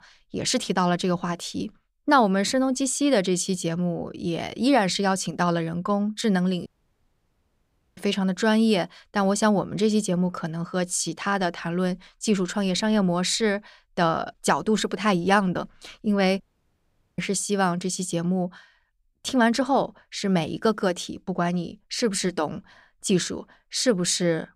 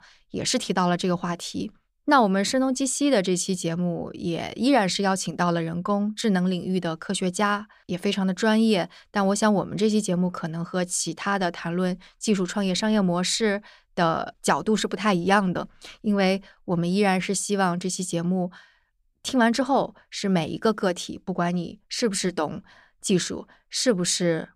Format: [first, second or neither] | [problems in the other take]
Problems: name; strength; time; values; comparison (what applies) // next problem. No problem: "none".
second | audio cutting out; at 6.5 s for 1.5 s and at 16 s for 1 s